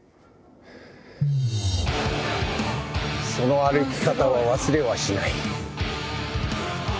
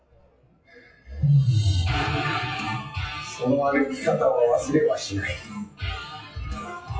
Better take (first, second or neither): first